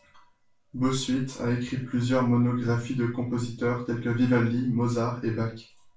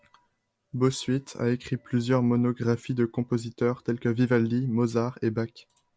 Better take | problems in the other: second | room echo; dies away in 0.3 s

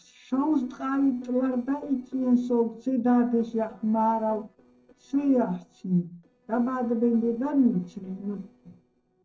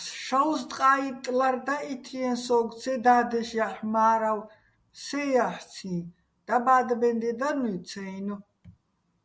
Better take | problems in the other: second | noise reduction (neural separator model SepFormer DNS4)

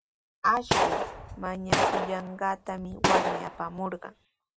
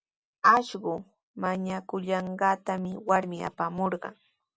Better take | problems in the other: second | background sound (Gunshot, gunfire); 3 dB above the speech

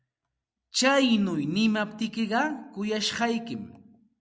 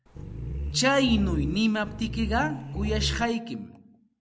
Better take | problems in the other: first | background sound (Growling); 5 dB below the speech

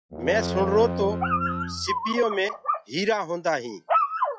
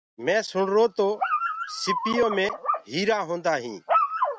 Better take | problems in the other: second | noise reduction (classical method log-MMSE)

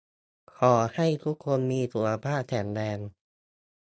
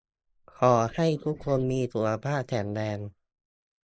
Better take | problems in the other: first | noise reduction (neural mask model Resemble Enhance denoiser)

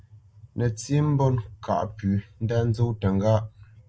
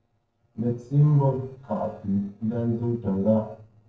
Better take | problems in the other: first | noise reduction (neural separator model SepFormer DNS4)

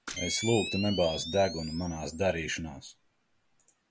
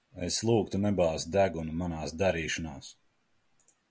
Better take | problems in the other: second | background sound (Camera); 9 dB below the speech

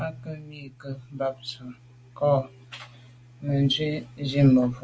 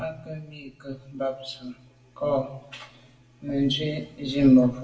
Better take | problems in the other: first | room echo; dies away in 0.7 s

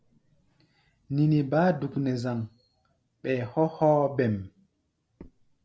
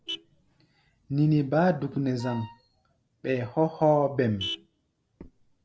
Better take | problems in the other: first | background sound (Wind instrument, woodwind instrument + Vehicle horn, car horn, honking); 16 dB below the speech

